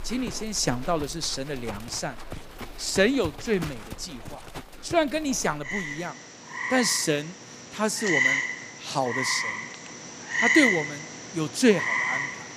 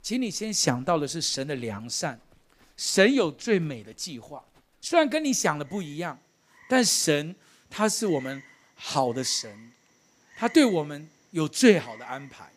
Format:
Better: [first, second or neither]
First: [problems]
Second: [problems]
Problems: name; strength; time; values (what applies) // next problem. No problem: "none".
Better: second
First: animal sounds; loud; throughout; 1 dB below the speech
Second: animal sounds; faint; throughout; 25 dB below the speech